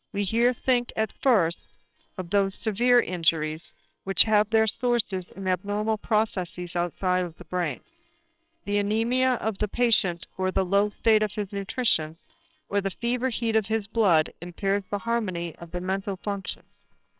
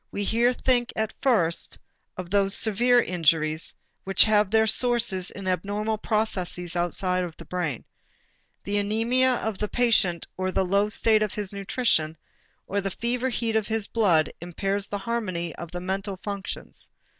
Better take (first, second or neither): second